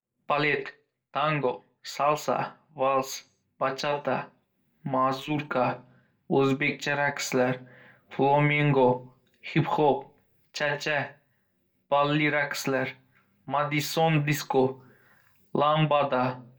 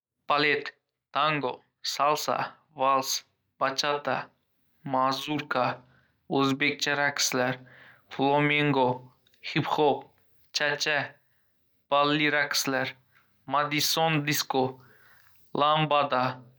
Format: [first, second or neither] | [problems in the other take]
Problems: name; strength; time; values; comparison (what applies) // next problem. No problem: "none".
second | room echo; dies away in 0.2 s